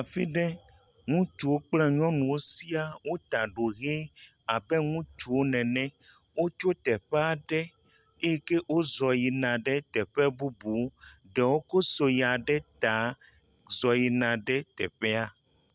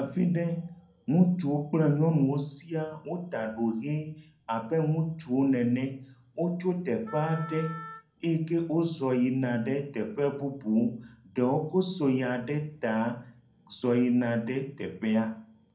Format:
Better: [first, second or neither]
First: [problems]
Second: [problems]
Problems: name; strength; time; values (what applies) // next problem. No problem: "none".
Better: first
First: none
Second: background sound (Wind instrument, woodwind instrument); 16 dB below the speech // room echo; dies away in 0.5 s